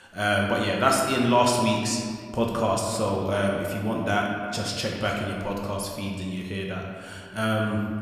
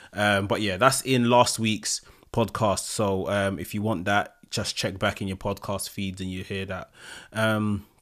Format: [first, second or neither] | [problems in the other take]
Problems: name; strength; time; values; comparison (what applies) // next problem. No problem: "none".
second | room echo; noticeable; dies away in 1.6 s // off-mic speech; somewhat distant